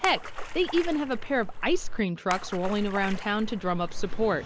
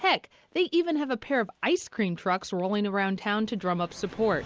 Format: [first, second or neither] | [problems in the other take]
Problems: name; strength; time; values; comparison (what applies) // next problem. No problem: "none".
second | background sound (Splash, splatter); 4 dB below the speech